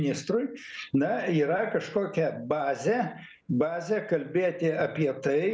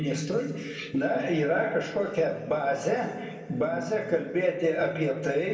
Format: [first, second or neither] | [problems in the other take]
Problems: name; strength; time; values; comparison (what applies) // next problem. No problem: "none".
first | room echo; dies away in 1.9 s